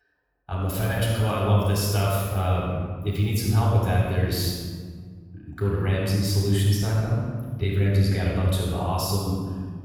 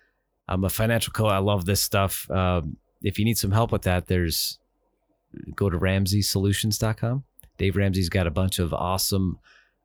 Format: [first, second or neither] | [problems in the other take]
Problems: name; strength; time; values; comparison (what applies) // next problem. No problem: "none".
second | off-mic speech; far // room echo; strong; dies away in 1.6 s